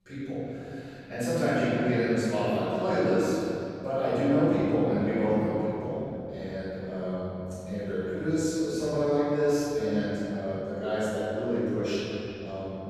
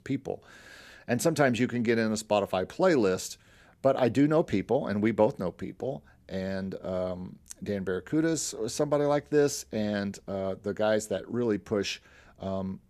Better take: second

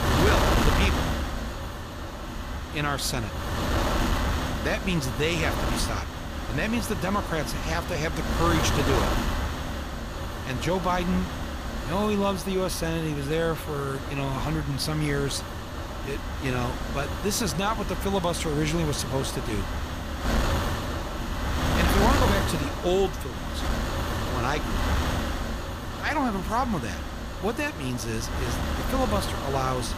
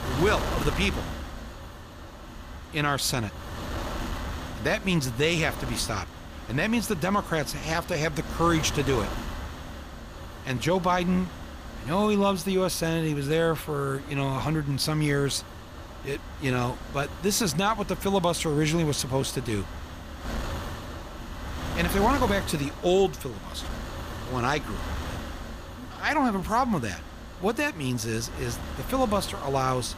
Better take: second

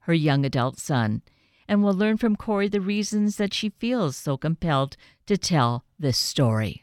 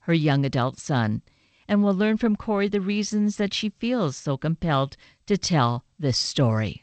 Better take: first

